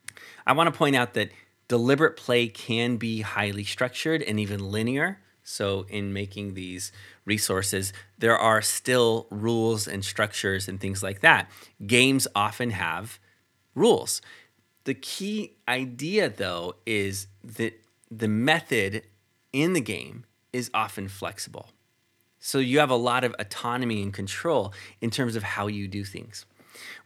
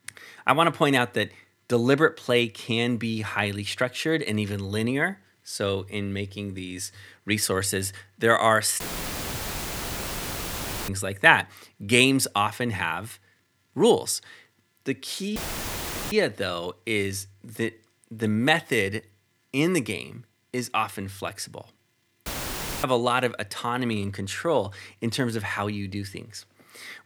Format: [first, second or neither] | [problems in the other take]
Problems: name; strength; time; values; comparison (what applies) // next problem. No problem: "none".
first | audio cutting out; filled with static; at 9 s for 2 s, at 15 s for 1 s and at 22 s for 0.5 s